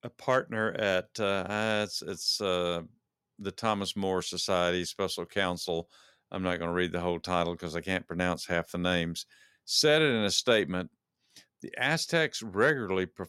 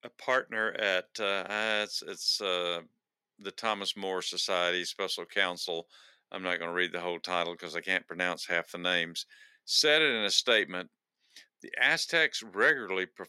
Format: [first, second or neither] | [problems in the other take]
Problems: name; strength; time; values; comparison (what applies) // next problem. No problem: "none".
first | thin; somewhat; fading below 300 Hz